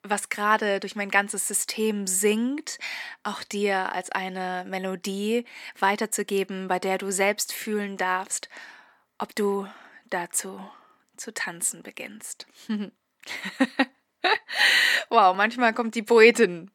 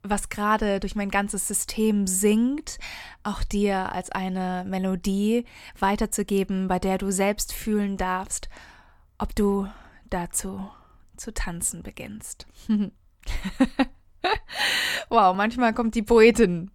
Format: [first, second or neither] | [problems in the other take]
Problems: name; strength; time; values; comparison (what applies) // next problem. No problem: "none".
second | thin; very slightly; fading below 250 Hz